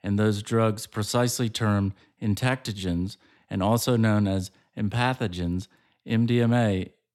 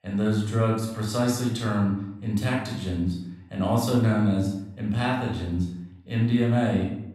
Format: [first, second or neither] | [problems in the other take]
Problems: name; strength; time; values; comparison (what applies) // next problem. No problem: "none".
first | off-mic speech; far // room echo; noticeable; dies away in 0.7 s